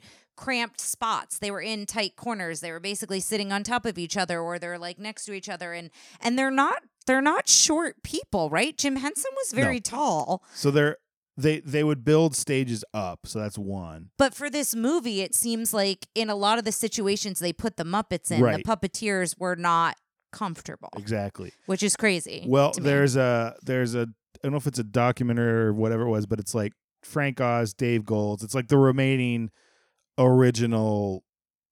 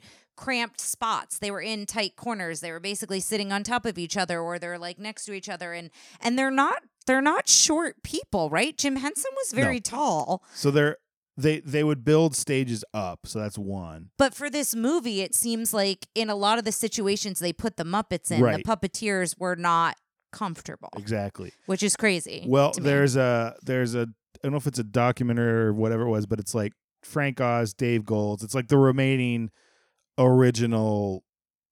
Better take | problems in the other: neither | none

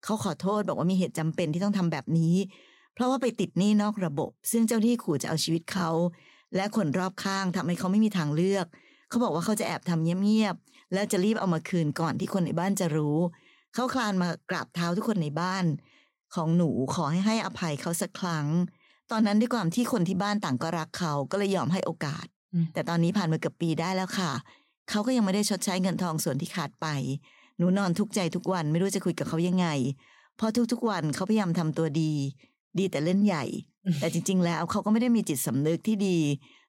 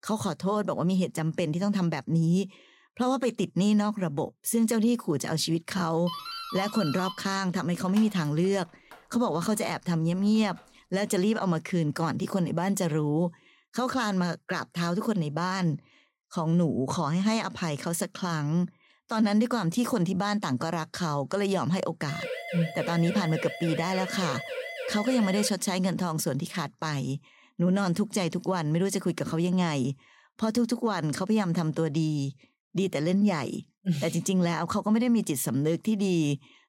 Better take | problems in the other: first | doorbell; noticeable; from 6 to 11 s; peak 8 dB below the speech // siren; noticeable; from 22 to 26 s; peak 6 dB below the speech

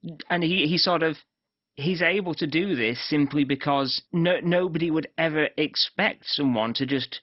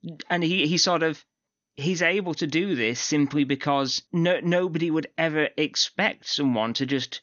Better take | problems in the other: second | garbled, watery; badly; nothing above 5.5 kHz; slightly in the second

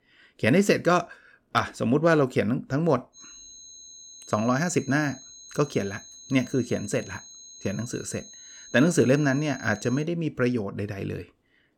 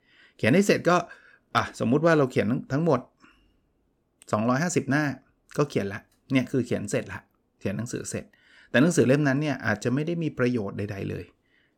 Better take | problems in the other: second | high-pitched whine; noticeable; from 3 to 10 s; 6.5 kHz, 20 dB below the speech

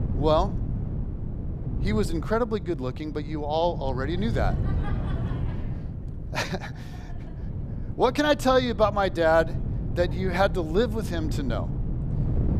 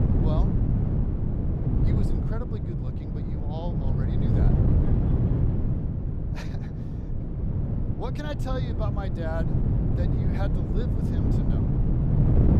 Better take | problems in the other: first | wind noise on the microphone; heavy; 3 dB above the speech; occasional gusts in the first

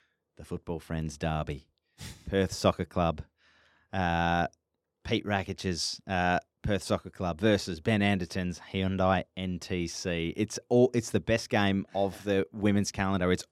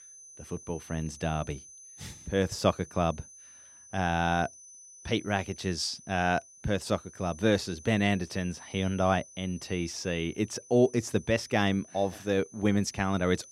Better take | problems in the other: first | high-pitched whine; noticeable; throughout; 6 kHz, 20 dB below the speech

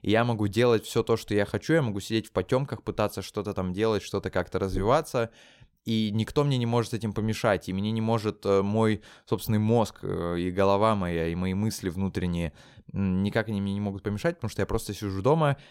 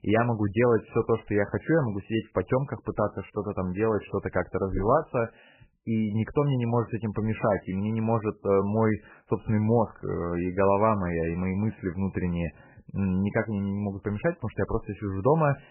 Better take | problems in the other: first | garbled, watery; badly; nothing above 3 kHz

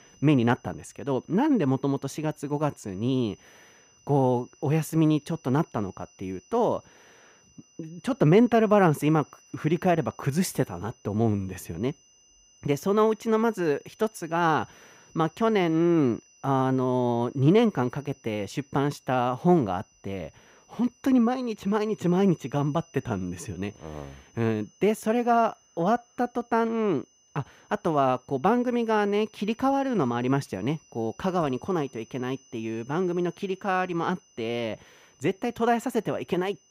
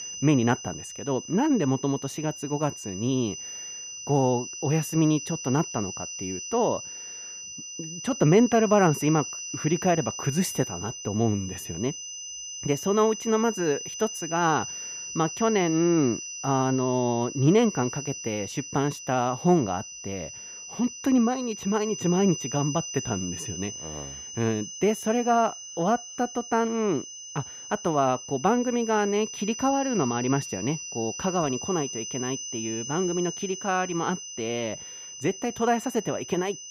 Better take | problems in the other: first | high-pitched whine; loud; throughout; 6 kHz, 9 dB below the speech; faint in the first

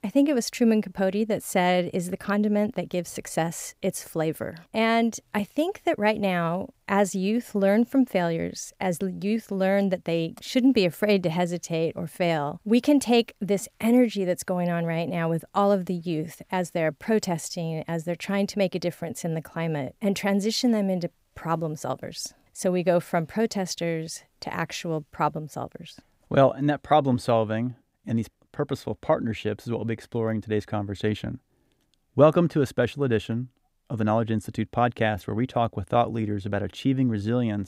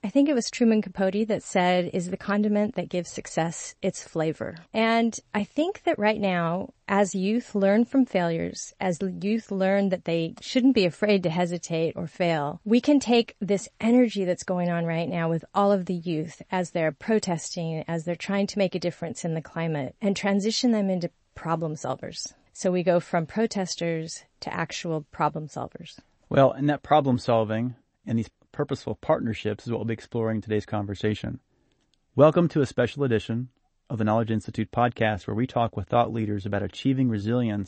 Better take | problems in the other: first | garbled, watery; slightly; nothing above 8 kHz

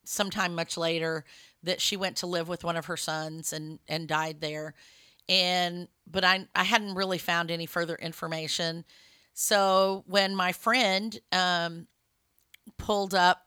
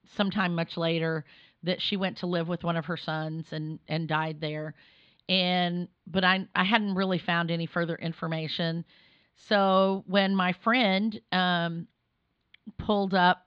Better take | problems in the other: first | muffled; slightly; fading above 4 kHz

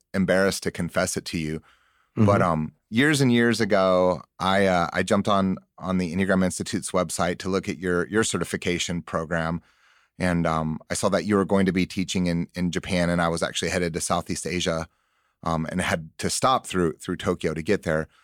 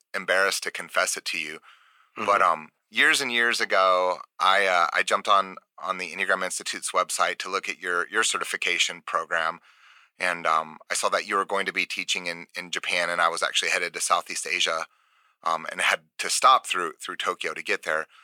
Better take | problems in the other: first | thin; very; fading below 700 Hz

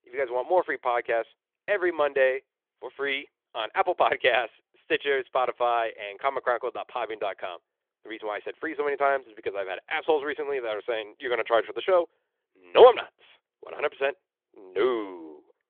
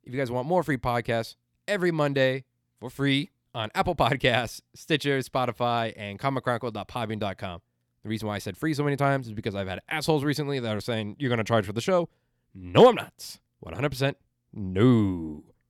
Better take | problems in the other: second | phone-call audio; nothing above 3.5 kHz

